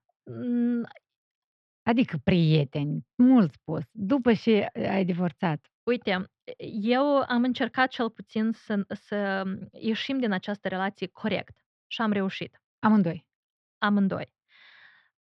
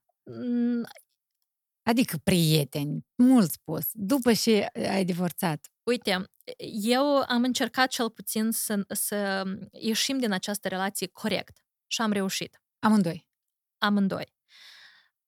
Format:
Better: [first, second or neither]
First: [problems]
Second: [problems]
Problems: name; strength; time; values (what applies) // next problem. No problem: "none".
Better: second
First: muffled; slightly; fading above 3 kHz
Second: none